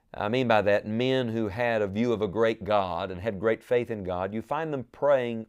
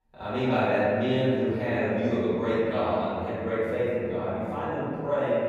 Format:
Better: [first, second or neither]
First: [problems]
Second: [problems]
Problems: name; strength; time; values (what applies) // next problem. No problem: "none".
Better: first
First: none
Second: room echo; strong; dies away in 2.8 s // off-mic speech; far